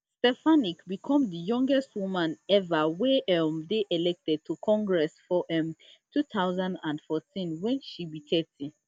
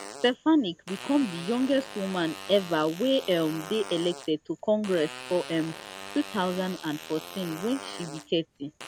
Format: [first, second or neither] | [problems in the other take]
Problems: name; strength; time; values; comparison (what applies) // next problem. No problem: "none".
first | background sound (Fart); 14 dB below the speech